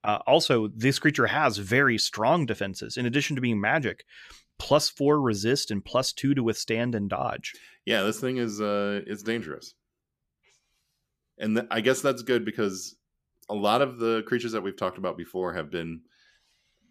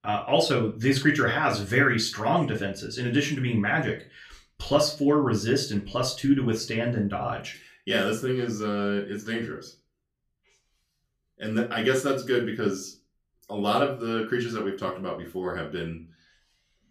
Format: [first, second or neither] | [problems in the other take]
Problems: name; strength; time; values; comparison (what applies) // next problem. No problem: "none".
first | off-mic speech; far // room echo; very slight; dies away in 0.3 s